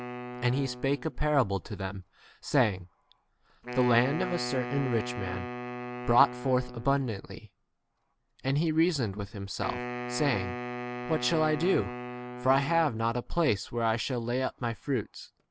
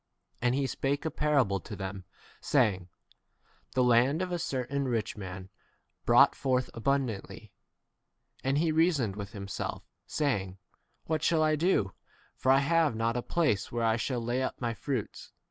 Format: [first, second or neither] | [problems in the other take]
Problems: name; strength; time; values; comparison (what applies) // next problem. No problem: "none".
second | background sound (Wind instrument, woodwind instrument); 10 dB below the speech